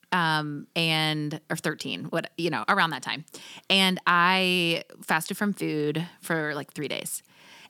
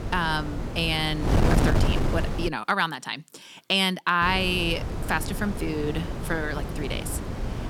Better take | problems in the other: first | wind noise on the microphone; heavy; until 2.5 s and from 4 s on; 8 dB below the speech

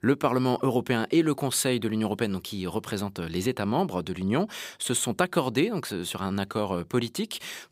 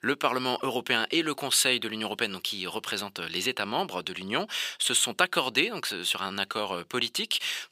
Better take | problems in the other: first | thin; somewhat; fading below 700 Hz

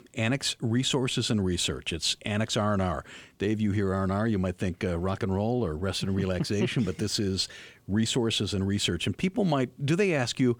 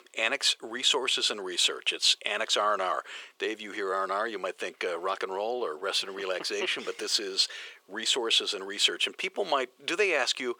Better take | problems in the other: first | thin; very; fading below 400 Hz

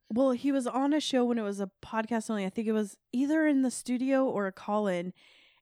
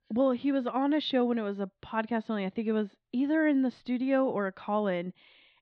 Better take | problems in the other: first | muffled; slightly; fading above 4 kHz

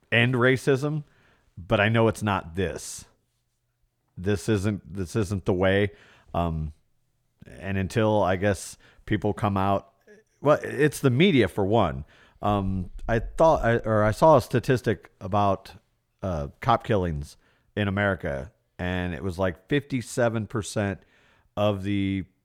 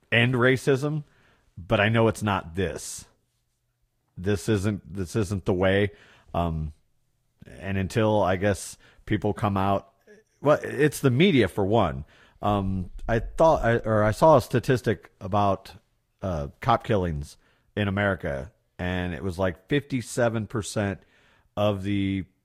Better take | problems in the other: first | garbled, watery; slightly; nothing above 14.5 kHz

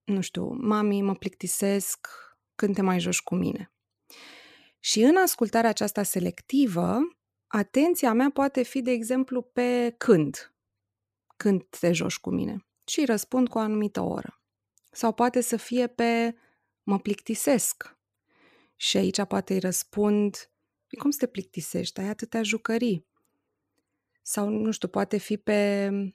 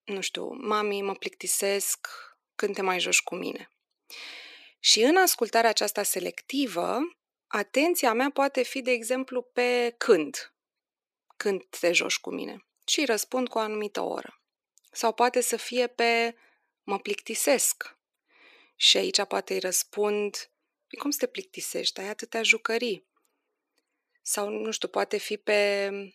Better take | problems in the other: first | thin; somewhat; fading below 350 Hz

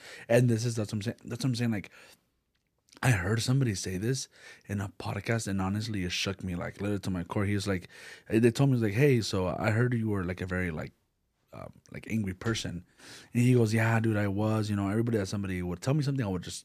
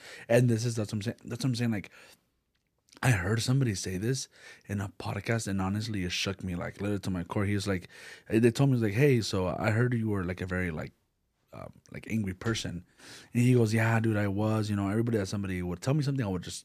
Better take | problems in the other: neither | none

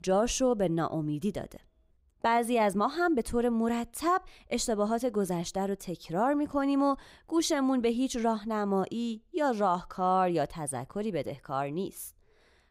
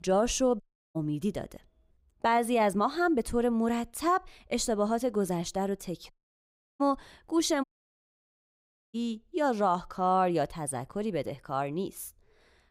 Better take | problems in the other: first | audio cutting out; at 0.5 s, at 6 s for 0.5 s and at 7.5 s for 1.5 s

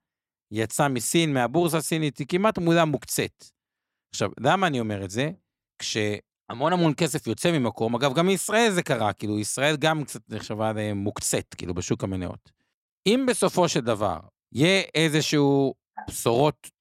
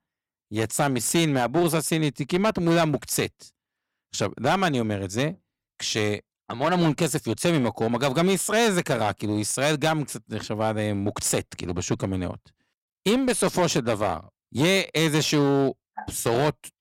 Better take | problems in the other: first | distortion; slight; 9% of the sound clipped

